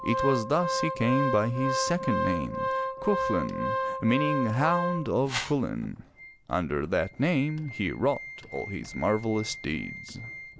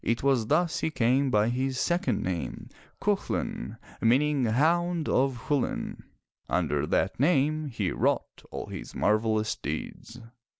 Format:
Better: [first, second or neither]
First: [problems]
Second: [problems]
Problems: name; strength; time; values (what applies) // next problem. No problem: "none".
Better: second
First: background sound (Whoosh, swoosh, swish + Organ); 4 dB below the speech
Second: none